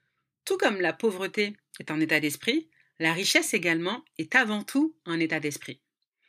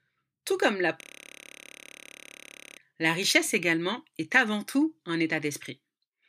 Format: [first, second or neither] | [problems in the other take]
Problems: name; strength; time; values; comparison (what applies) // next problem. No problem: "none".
first | audio freezing; at 1 s for 2 s